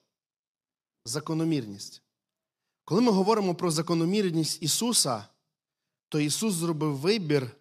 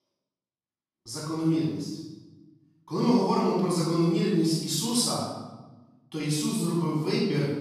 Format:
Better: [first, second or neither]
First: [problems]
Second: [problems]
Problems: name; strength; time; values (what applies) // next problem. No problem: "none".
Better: first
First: none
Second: off-mic speech; far // room echo; strong; dies away in 1 s